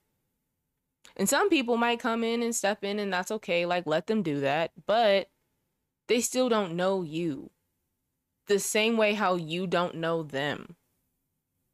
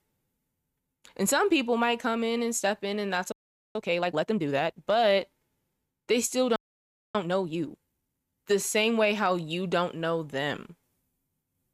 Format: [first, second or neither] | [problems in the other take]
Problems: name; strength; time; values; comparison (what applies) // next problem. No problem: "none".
first | audio freezing; at 3.5 s and at 6.5 s for 0.5 s